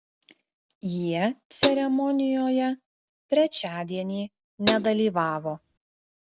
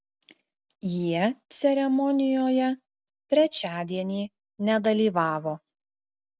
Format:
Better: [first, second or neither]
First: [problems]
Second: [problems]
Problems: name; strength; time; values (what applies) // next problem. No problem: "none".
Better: second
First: background sound (Hi-hat); 5 dB below the speech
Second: none